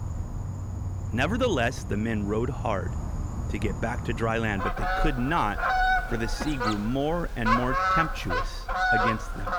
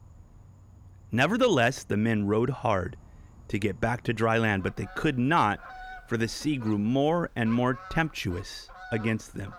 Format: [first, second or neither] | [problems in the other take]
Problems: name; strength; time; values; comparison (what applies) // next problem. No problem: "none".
second | animal sounds; loud; throughout; as loud as the speech; faint in the second